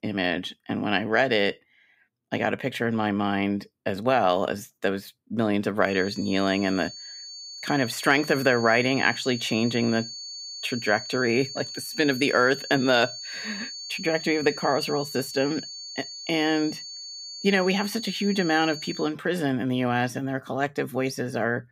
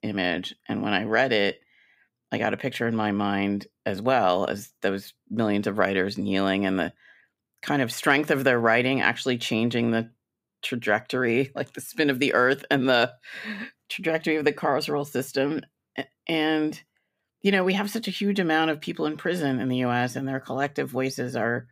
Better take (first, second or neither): second